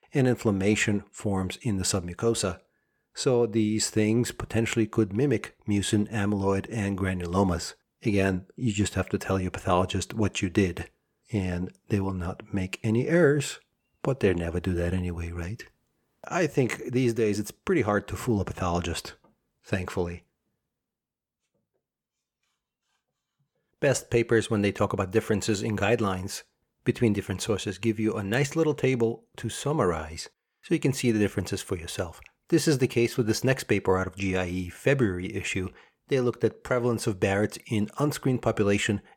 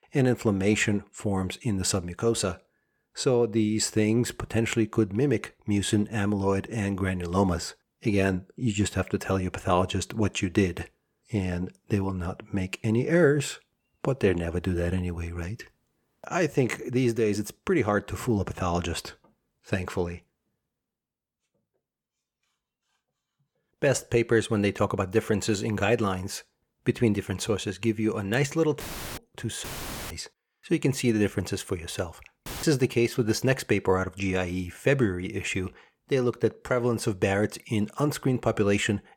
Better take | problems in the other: first | audio cutting out; filled with static; at 29 s, at 30 s and at 32 s

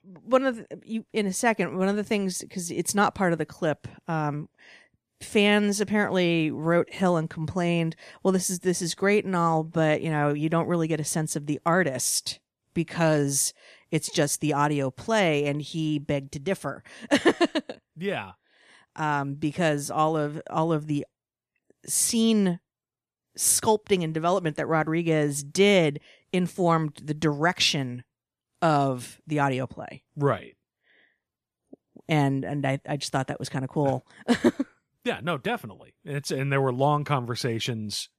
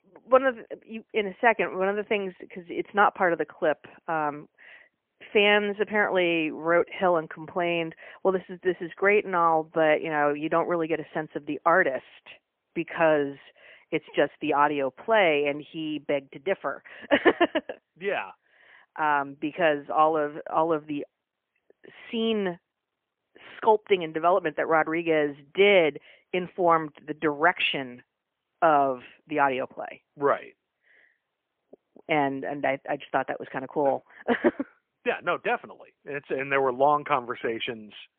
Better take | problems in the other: first | phone-call audio; poor line; nothing above 3 kHz

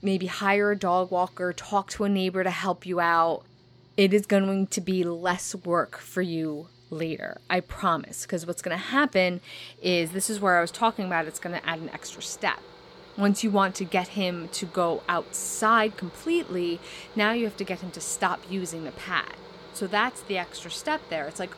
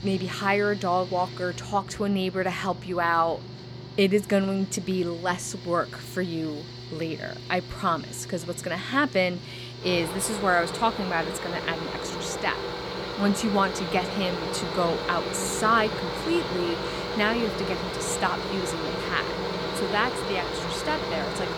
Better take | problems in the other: first | machinery noise; loud; throughout; 5 dB below the speech; faint in the first

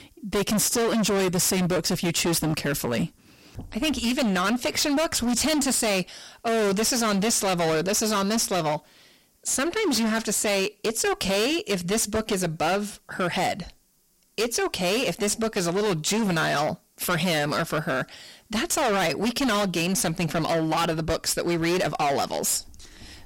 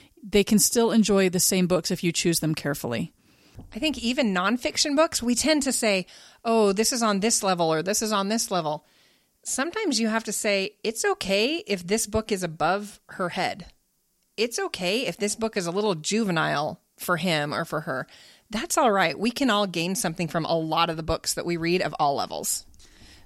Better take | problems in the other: second | distortion; heavy; 26% of the sound clipped

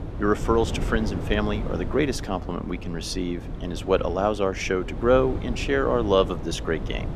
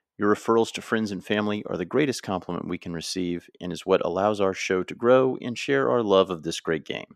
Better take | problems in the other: second | wind noise on the microphone; occasional gusts; 15 dB below the speech

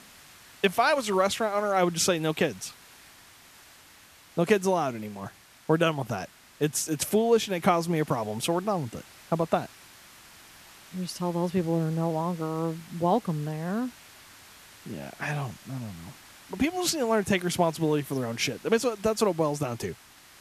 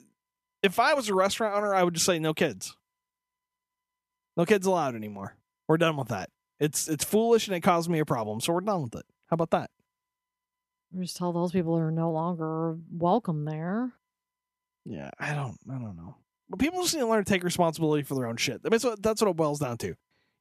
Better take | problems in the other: second | hiss; faint; throughout; 20 dB below the speech

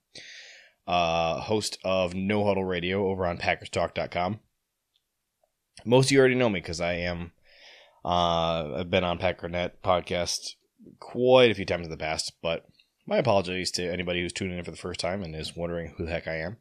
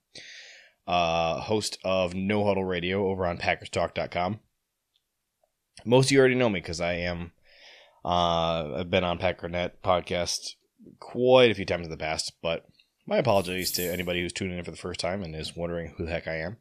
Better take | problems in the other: first | jangling keys; noticeable; at 13 s; peak 7 dB below the speech

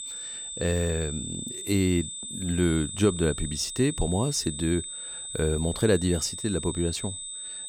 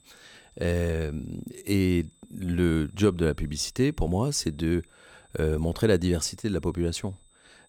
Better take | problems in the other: second | high-pitched whine; loud; throughout; 8 kHz, 7 dB below the speech; faint in the second

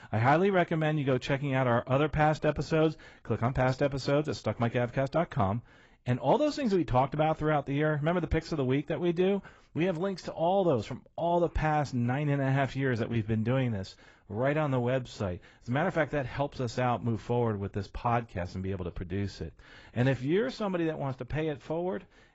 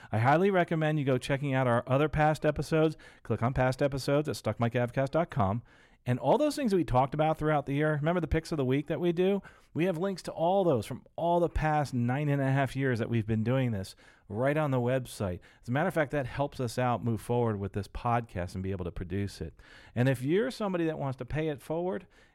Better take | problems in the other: second | garbled, watery; badly; nothing above 7.5 kHz

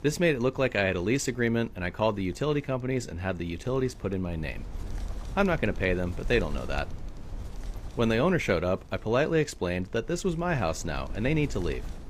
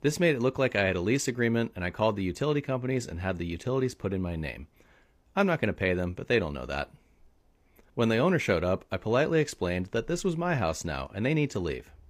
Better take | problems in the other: second | wind noise on the microphone; occasional gusts; 20 dB below the speech

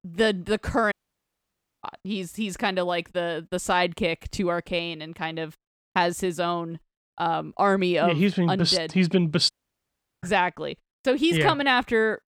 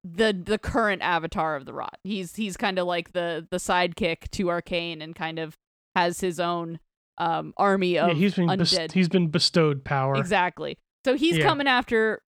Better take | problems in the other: second | audio cutting out; at 1 s for 1 s and at 9.5 s for 0.5 s

